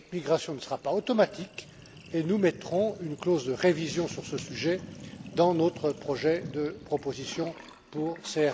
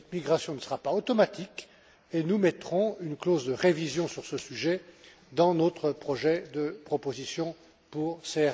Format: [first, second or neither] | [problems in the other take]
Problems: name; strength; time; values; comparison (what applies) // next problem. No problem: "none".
second | background sound (Sink (filling or washing)); 16 dB below the speech